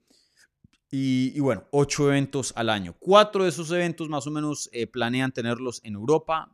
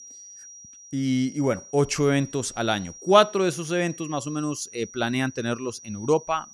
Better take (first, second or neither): first